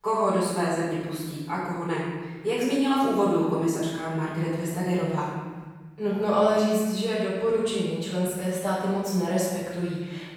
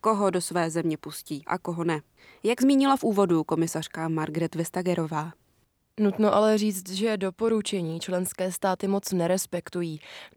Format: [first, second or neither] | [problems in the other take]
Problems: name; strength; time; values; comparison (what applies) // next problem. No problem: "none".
second | off-mic speech; far // room echo; strong; dies away in 1.3 s